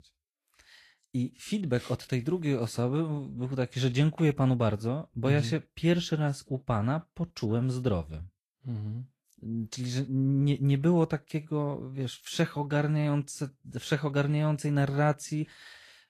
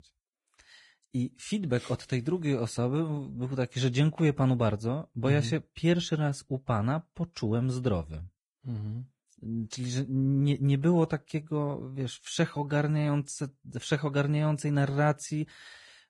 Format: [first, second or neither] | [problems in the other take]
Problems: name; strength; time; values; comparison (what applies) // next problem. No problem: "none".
first | garbled, watery; badly; nothing above 10.5 kHz; slightly in the first